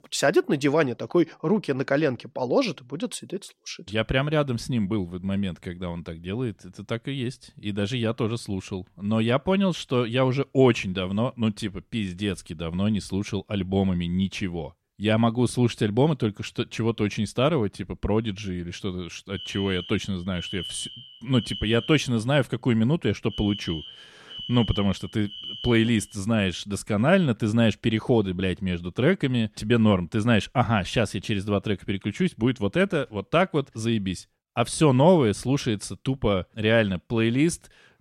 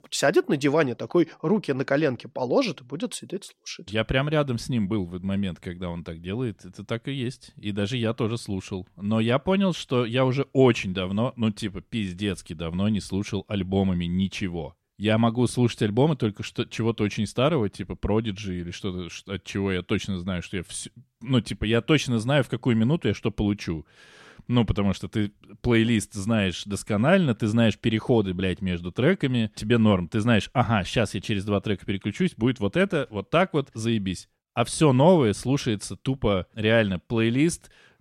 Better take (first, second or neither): second